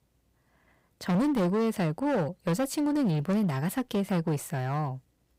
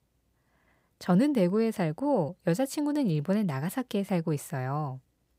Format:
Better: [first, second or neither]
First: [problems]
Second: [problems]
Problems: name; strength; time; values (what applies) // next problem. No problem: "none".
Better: second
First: distortion; slight; 14% of the sound clipped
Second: none